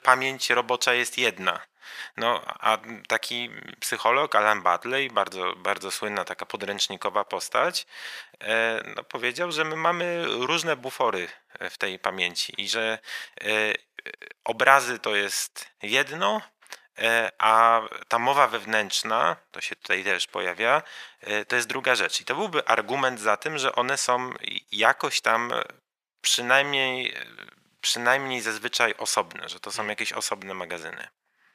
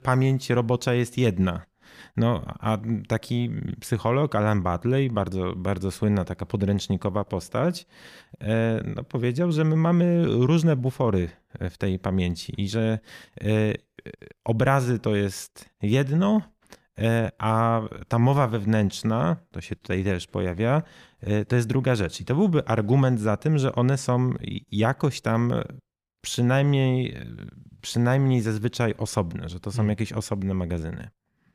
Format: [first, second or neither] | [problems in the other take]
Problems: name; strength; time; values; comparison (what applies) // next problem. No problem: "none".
second | thin; very; fading below 800 Hz